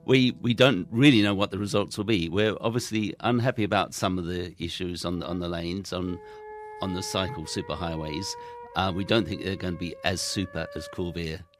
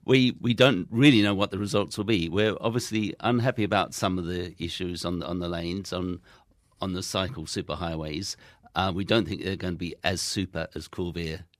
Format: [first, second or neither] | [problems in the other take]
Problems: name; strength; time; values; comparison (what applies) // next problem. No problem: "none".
second | background music; noticeable; throughout; 20 dB below the speech